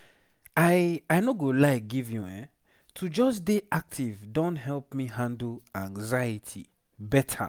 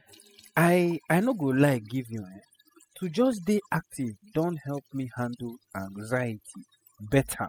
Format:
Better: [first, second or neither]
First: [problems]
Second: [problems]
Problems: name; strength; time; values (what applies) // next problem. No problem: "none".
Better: first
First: none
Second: noise reduction (classical method spectral subtraction)